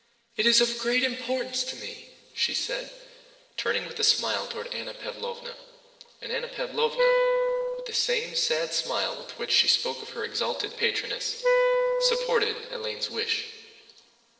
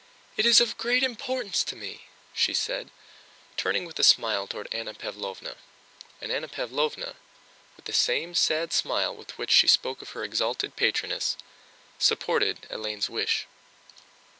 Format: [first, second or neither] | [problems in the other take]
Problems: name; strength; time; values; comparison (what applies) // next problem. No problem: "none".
second | noise reduction (neural separator model SepFormer DNS4)